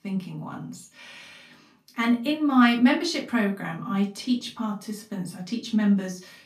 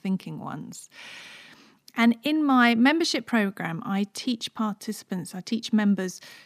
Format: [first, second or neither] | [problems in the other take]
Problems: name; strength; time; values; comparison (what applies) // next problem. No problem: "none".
second | off-mic speech; far // room echo; very slight; dies away in 0.3 s